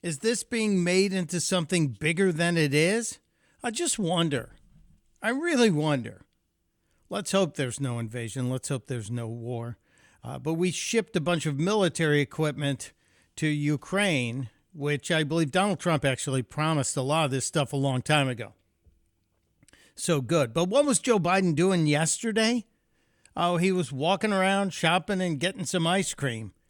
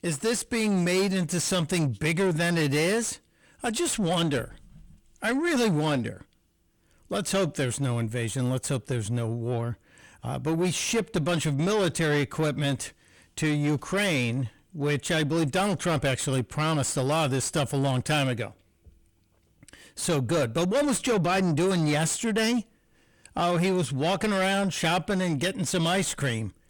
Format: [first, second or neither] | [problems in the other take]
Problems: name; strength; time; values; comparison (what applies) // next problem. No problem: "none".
first | distortion; heavy; 7 dB below the speech